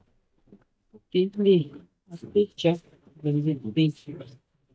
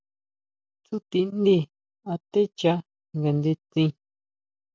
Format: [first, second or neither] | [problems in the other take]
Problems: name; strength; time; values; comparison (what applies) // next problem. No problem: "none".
second | noise reduction (neural mask model DeepFilterNet 3)